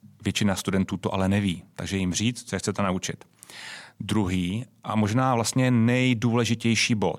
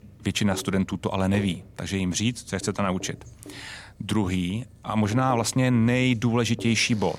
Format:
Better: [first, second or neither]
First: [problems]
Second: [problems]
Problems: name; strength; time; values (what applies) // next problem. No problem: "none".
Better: first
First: none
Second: household noises; noticeable; throughout; 20 dB below the speech